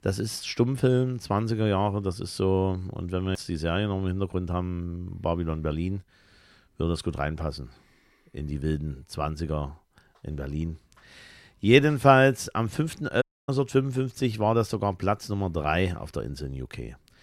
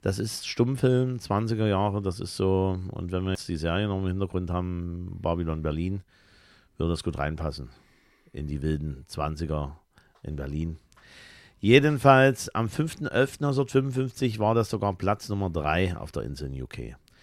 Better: second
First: audio cutting out; at 13 s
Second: none

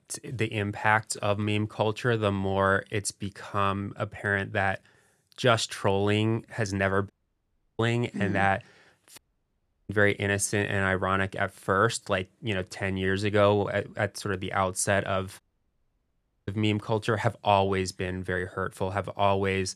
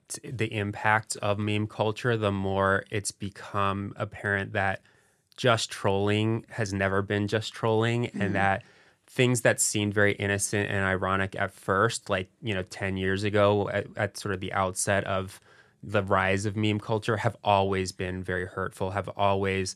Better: second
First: audio cutting out; at 7 s for 0.5 s, at 9 s for 0.5 s and at 15 s for 1 s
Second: none

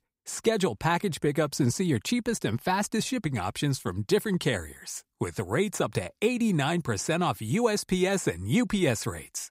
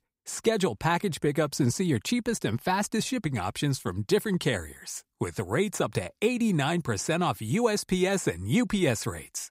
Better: neither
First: none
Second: none

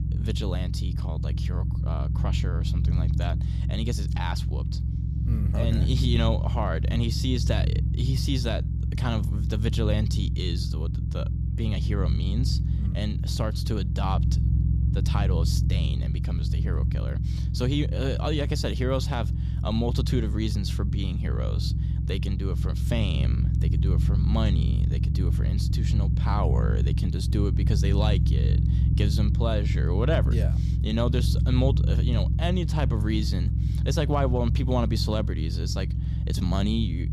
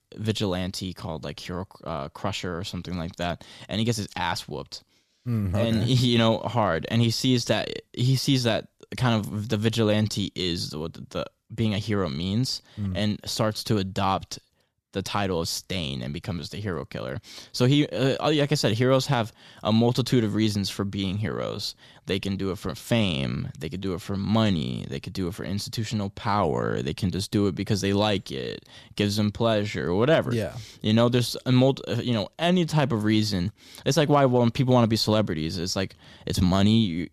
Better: second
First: low rumble; loud; throughout; 6 dB below the speech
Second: none

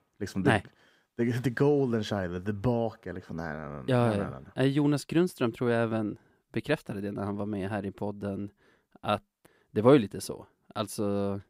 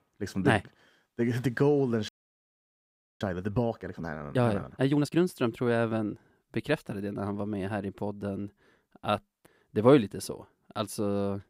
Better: first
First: none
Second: audio freezing; at 2 s for 1 s

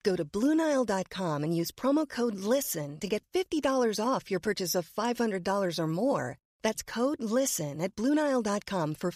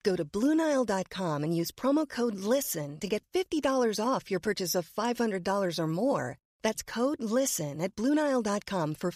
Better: neither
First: none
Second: none

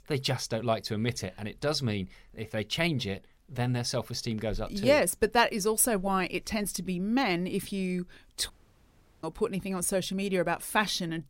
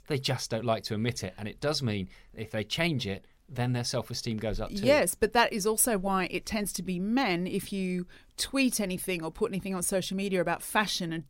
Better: second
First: audio cutting out; at 8.5 s for 0.5 s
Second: none

